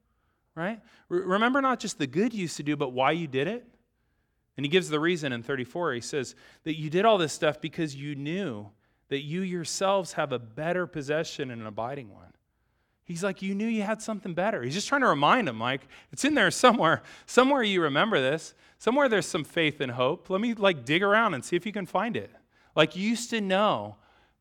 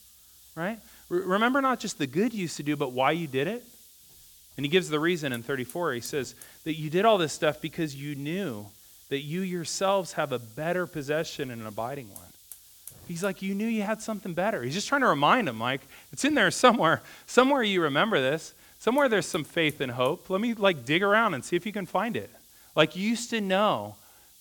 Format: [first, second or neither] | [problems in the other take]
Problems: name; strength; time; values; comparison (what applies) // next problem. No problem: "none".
first | hiss; faint; throughout; 25 dB below the speech